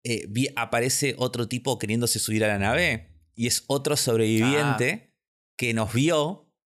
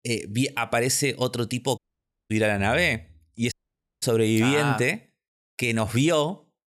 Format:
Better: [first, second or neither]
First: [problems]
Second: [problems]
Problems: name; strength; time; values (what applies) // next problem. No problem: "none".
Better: first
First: none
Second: audio cutting out; at 2 s for 0.5 s and at 3.5 s